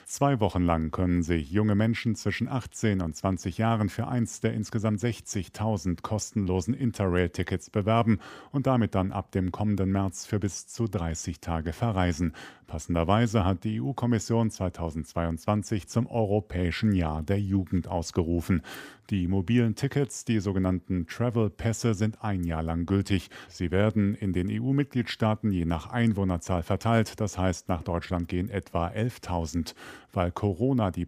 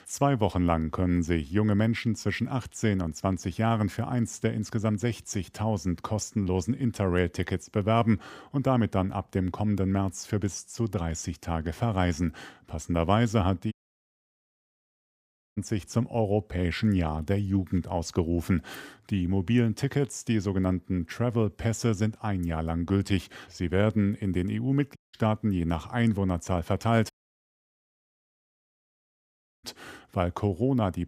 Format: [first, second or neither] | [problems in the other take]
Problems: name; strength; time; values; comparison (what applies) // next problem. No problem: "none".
first | audio cutting out; at 14 s for 2 s, at 25 s and at 27 s for 2.5 s